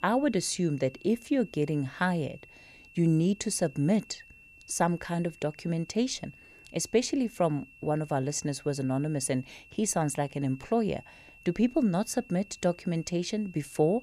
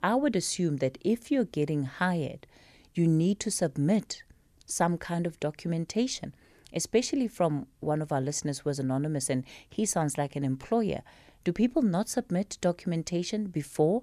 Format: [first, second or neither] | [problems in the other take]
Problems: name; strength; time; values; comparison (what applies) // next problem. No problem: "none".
second | high-pitched whine; faint; throughout; 2.5 kHz, 25 dB below the speech